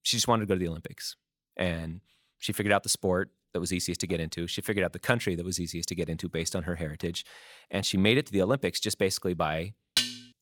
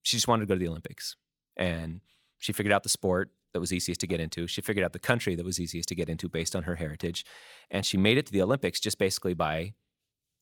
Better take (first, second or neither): second